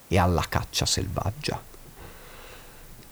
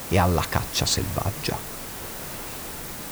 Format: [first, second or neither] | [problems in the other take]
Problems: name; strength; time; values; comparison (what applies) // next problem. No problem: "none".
first | hiss; loud; throughout; 8 dB below the speech; faint in the first